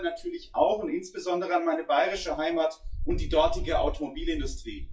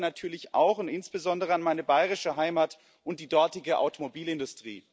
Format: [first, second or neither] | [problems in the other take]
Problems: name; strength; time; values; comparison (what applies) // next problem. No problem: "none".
second | noise reduction (classical method WPE with log-MMSE)